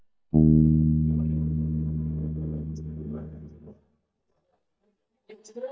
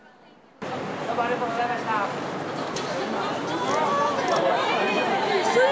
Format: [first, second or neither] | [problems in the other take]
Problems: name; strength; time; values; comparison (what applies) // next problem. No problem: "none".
second | noise reduction (neural mask model DeepFilterNet 3)